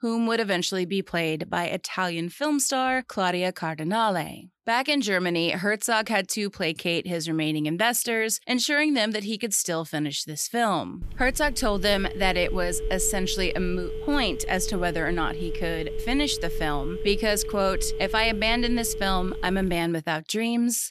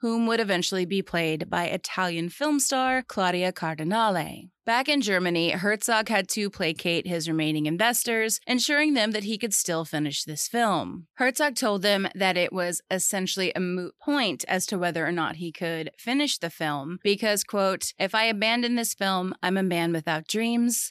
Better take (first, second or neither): second